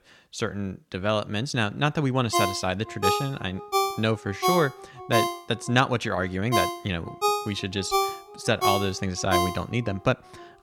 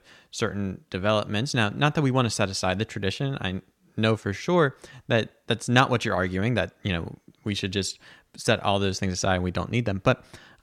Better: second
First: phone ringing; loud; from 2.5 to 10 s; peak 2 dB above the speech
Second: none

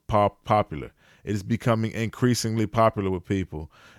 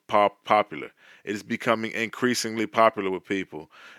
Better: first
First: none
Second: thin; somewhat; fading below 300 Hz

